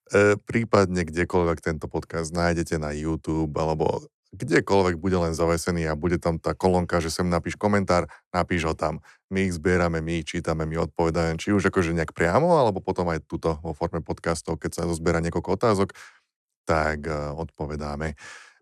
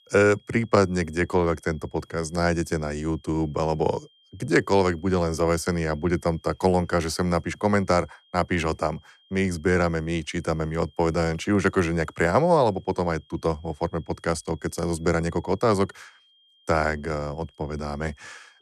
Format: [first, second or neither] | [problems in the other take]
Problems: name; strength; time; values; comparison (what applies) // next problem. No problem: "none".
first | high-pitched whine; faint; throughout; 3 kHz, 35 dB below the speech